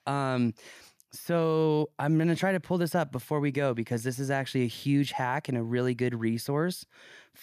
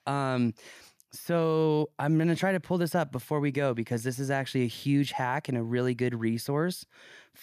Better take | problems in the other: neither | none

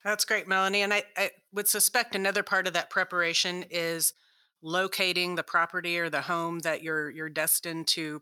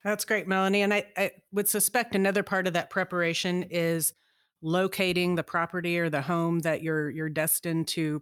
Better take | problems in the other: second | thin; somewhat; fading below 550 Hz

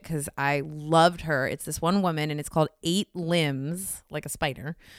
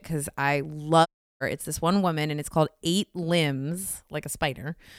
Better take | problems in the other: first | audio cutting out; at 1 s

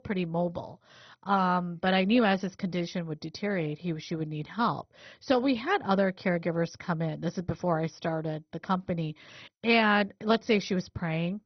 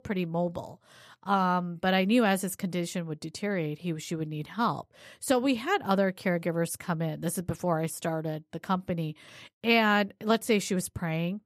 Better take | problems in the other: second | garbled, watery; badly; nothing above 6 kHz

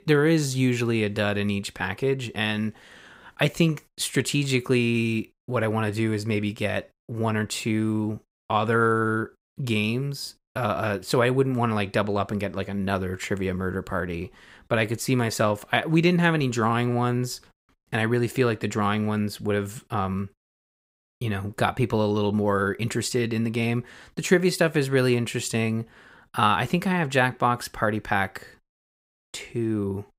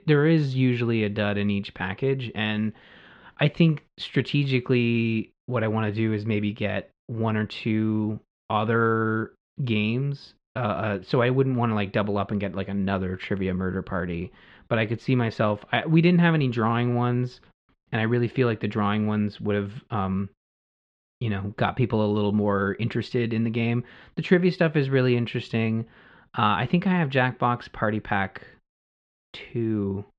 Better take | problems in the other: first | muffled; slightly; fading above 3.5 kHz

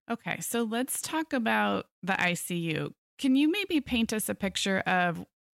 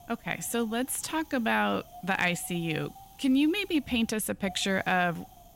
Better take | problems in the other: first | wind noise on the microphone; occasional gusts; 20 dB below the speech

